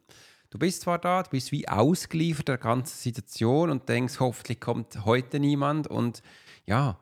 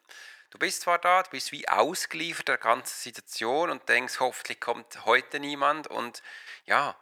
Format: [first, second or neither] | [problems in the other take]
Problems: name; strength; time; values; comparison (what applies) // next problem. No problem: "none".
first | thin; very; fading below 700 Hz